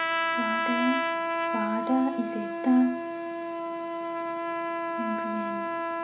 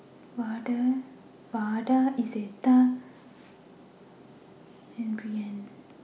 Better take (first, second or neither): second